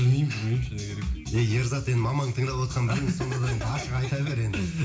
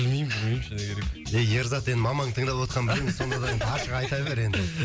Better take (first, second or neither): second